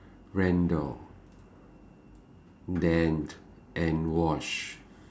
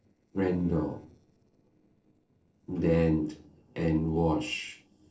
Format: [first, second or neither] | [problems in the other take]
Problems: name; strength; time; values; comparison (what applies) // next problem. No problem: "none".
first | noise reduction (neural separator model SepFormer DNS4)